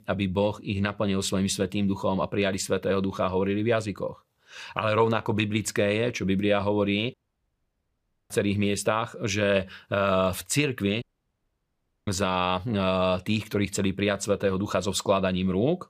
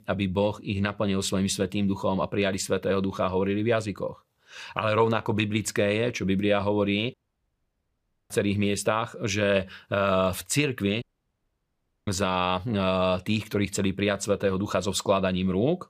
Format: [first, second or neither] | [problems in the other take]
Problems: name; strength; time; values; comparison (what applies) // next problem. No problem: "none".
neither | audio cutting out; at 7 s for 1 s and at 11 s for 1 s; the same in both